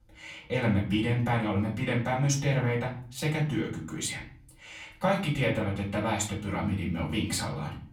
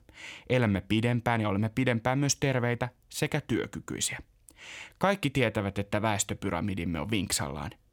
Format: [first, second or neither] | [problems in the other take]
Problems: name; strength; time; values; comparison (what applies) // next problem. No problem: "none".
second | off-mic speech; far // room echo; slight; dies away in 0.5 s